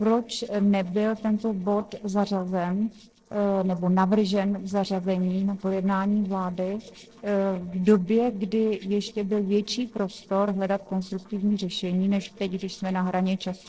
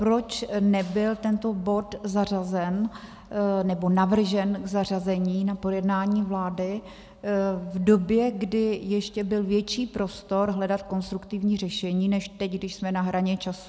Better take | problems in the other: second | noise reduction (neural separator model SepFormer DNS4)

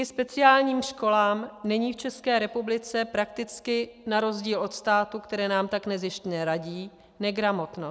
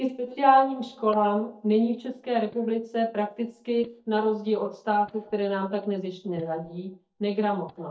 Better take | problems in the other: first | noise reduction (neural mask model DeepFilterNet 3)

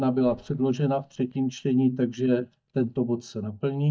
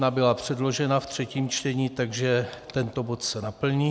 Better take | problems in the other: second | noise reduction (neural mask model DeepFilterNet 3)

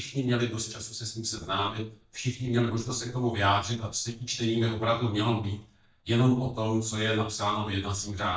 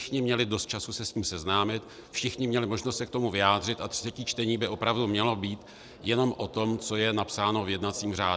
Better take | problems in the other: second | noise reduction (neural mask model DeepFilterNet 3)

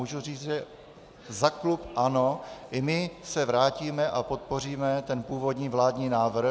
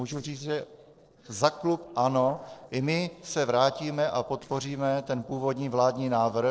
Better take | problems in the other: first | noise reduction (neural separator model SepFormer DNS4)

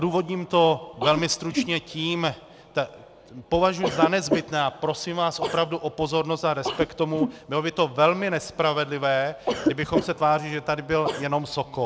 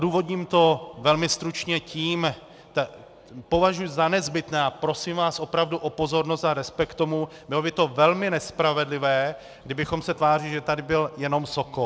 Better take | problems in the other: second | background sound (Cough); 7 dB below the speech

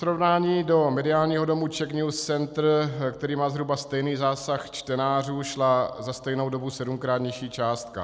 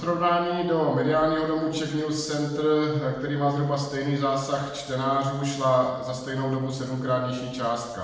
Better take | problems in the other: first | room echo; dies away in 1 s

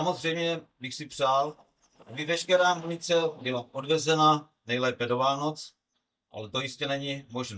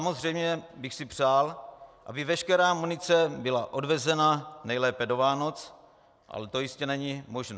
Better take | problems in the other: second | noise reduction (neural mask model DeepFilterNet 3)

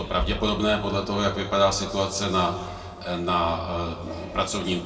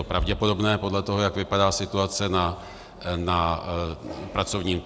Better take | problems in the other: second | room echo; dies away in 1.6 s

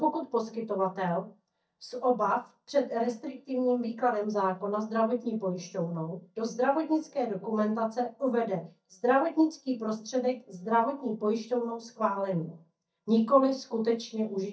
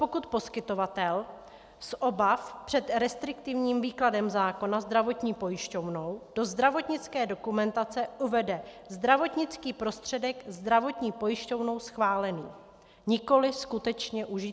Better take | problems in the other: second | noise reduction (neural mask model DeepFilterNet 3)

